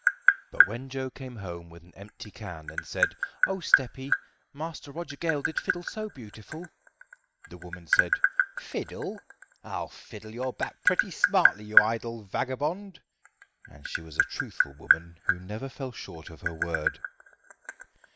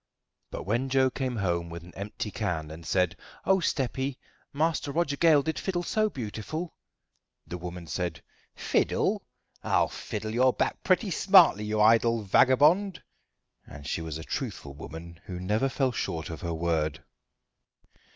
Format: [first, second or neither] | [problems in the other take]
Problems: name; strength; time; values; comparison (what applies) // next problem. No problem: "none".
second | background sound (Tap); 4 dB above the speech